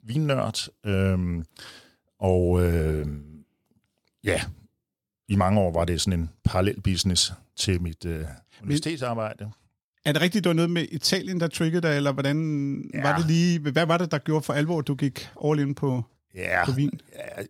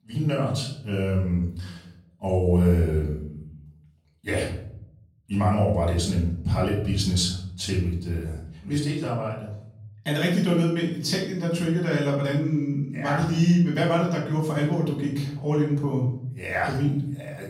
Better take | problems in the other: first | off-mic speech; far // room echo; noticeable; dies away in 0.7 s

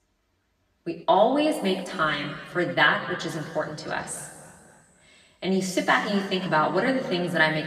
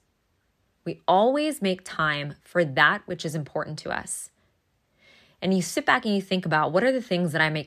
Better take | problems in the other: second | room echo; noticeable; dies away in 2 s // off-mic speech; somewhat distant

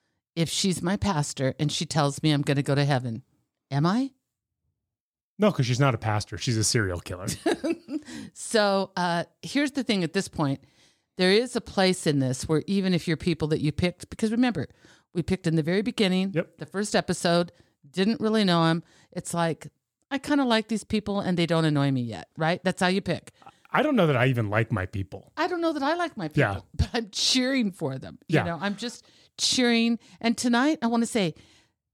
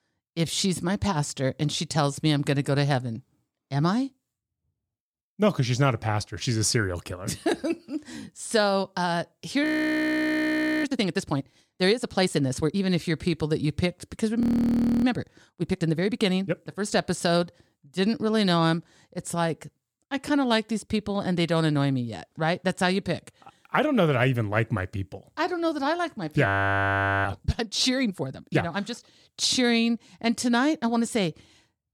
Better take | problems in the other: first | audio freezing; at 9.5 s for 1 s, at 14 s for 0.5 s and at 26 s for 1 s

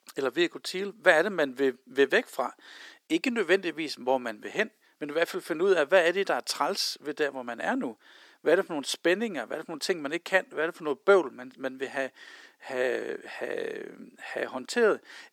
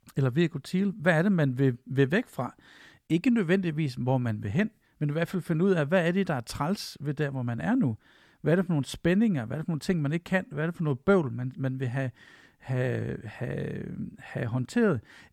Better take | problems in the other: second | thin; very; fading below 350 Hz

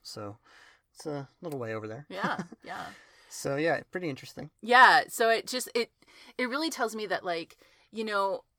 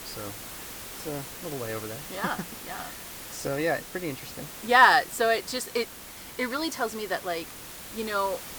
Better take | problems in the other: first | hiss; noticeable; throughout; 15 dB below the speech

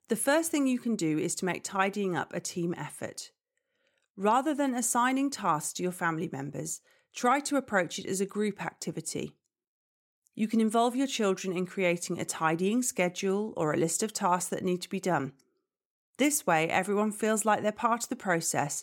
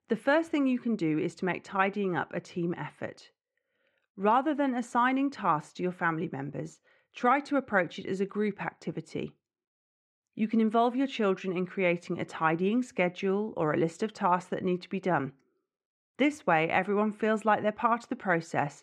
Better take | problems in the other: first | muffled; very; fading above 2.5 kHz

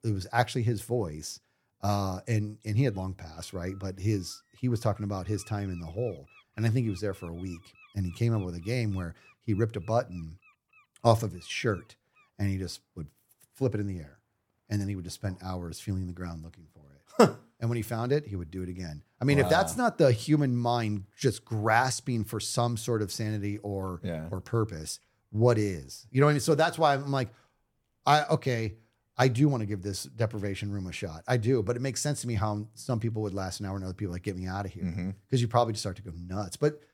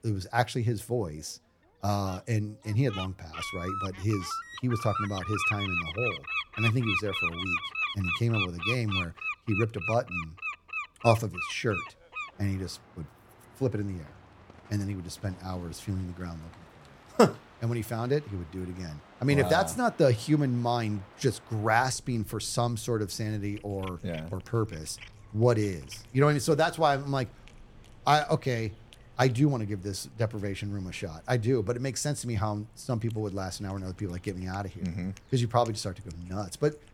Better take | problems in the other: first | animal sounds; loud; throughout; 3 dB below the speech; faint in the first

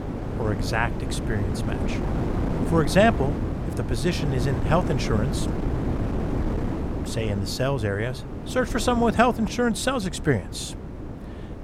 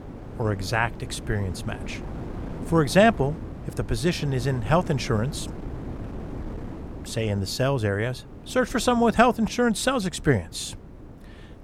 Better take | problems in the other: second | wind noise on the microphone; heavy; 9 dB below the speech; occasional gusts in the second

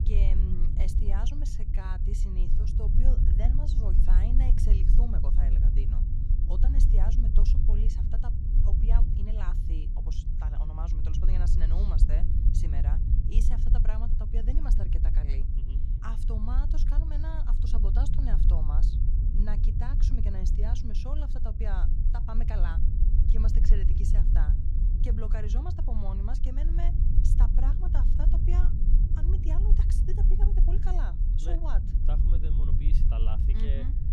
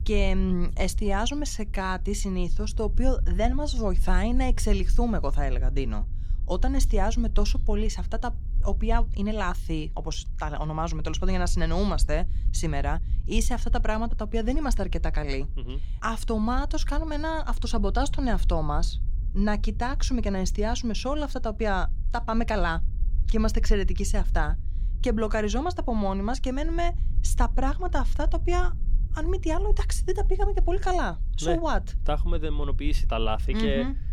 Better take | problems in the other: second | low rumble; loud; throughout; 2 dB below the speech; faint in the second

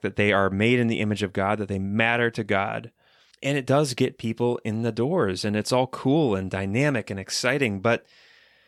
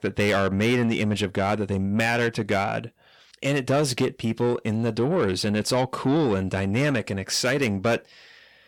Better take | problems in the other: first | distortion; slight; 10 dB below the speech

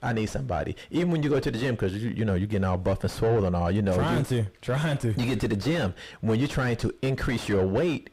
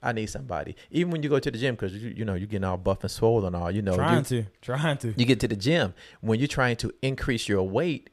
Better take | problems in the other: second | distortion; heavy; 5 dB below the speech

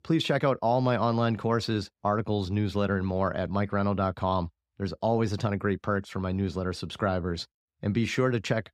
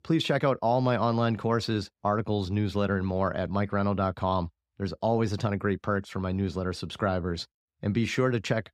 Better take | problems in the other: neither | none

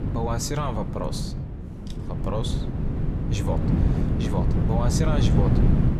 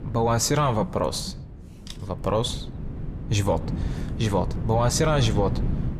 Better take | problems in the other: second | wind noise on the microphone; heavy; 3 dB below the speech; occasional gusts in the second

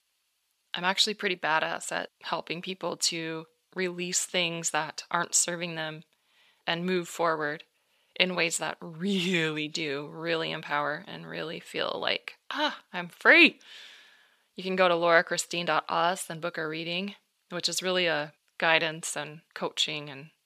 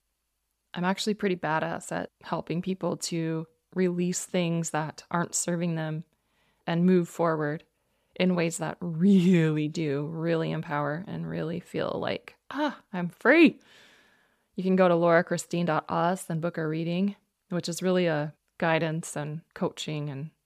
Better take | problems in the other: second | thin; somewhat; fading below 750 Hz

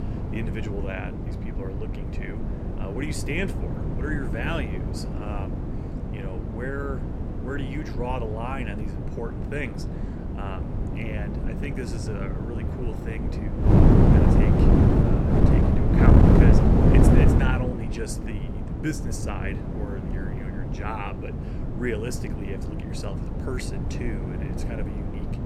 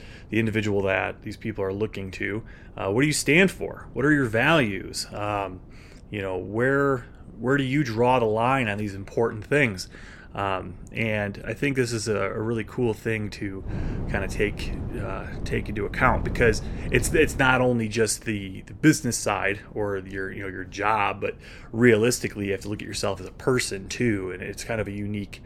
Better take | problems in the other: second | wind noise on the microphone; heavy; 3 dB above the speech; occasional gusts in the second

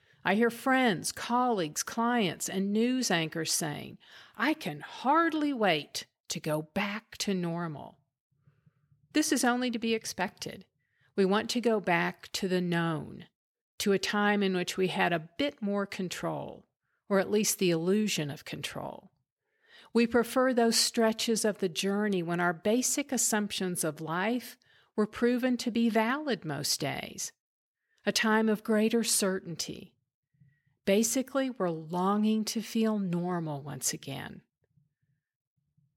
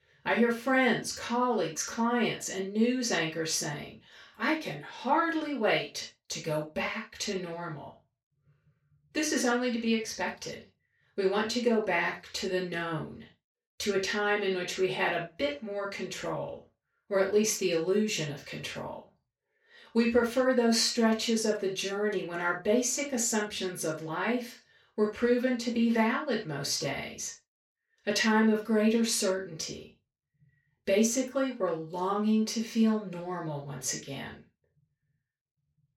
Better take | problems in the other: first | room echo; noticeable; dies away in 0.2 s // off-mic speech; far

